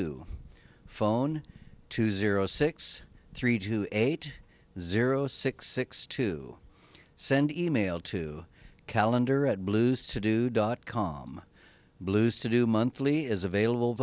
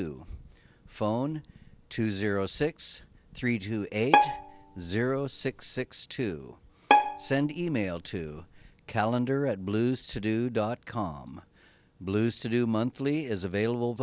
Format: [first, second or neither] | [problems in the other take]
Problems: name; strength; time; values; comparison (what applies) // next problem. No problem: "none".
first | background sound (Bowed string instrument); 2 dB above the speech